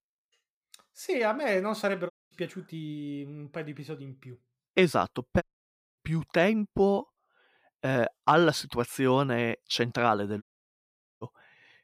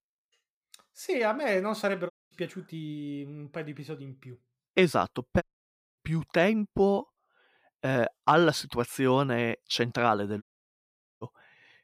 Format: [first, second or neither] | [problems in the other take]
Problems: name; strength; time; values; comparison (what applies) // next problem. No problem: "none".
neither | audio cutting out; at 2 s, at 5.5 s for 0.5 s and at 10 s for 1 s; the same in both